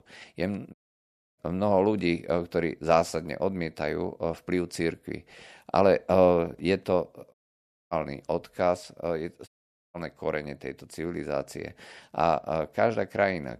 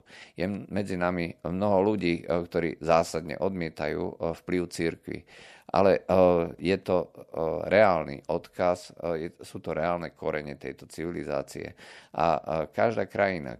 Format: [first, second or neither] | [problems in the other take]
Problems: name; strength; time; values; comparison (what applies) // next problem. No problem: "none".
second | audio cutting out; at 0.5 s for 0.5 s, at 7.5 s for 0.5 s and at 9.5 s